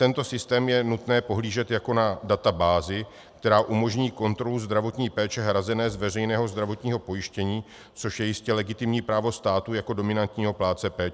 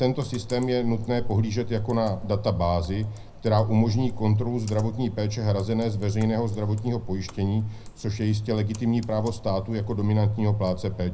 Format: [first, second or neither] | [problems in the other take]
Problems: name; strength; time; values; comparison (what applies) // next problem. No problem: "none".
first | background sound (Computer keyboard); 12 dB below the speech // room echo; dies away in 0.3 s